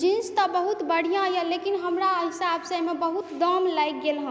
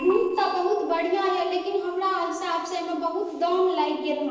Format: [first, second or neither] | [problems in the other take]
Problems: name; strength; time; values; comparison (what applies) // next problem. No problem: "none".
first | noise reduction (neural separator model SepFormer DNS4)